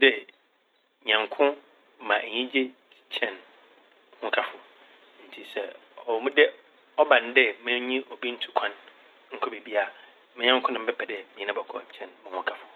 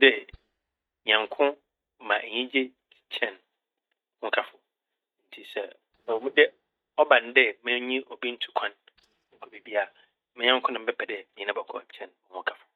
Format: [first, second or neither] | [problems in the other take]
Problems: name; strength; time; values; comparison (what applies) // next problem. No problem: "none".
first | noise reduction (neural mask model DeepFilterNet 3)